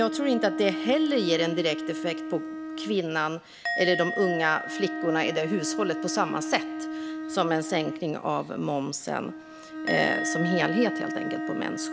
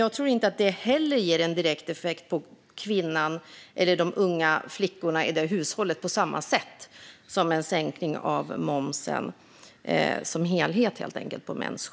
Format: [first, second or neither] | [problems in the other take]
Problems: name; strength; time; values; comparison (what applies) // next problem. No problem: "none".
second | background sound (Bowed string instrument + Musical instrument); 5 dB below the speech